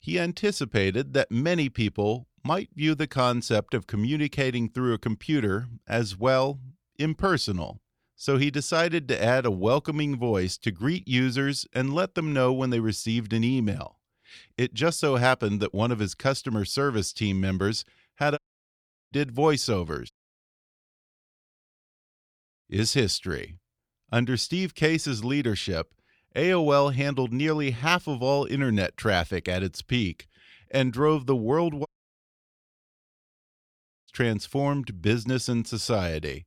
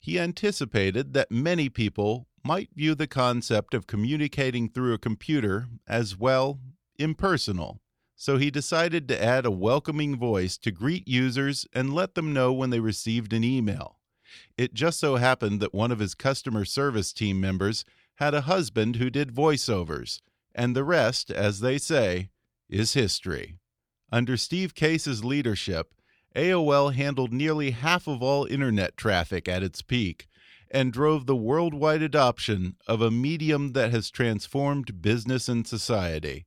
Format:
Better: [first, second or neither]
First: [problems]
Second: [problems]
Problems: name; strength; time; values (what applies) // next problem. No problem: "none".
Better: second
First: audio cutting out; at 18 s for 0.5 s, at 20 s for 2.5 s and at 32 s for 2 s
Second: none